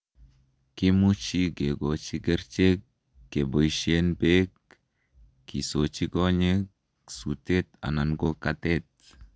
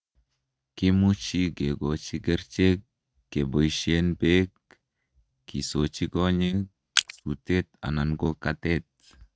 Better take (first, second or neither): first